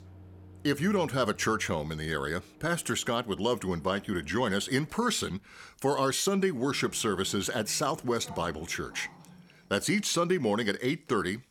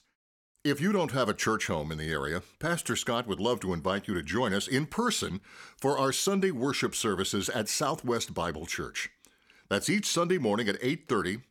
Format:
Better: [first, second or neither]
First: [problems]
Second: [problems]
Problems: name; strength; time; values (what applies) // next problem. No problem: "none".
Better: second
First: household noises; faint; throughout; 25 dB below the speech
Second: none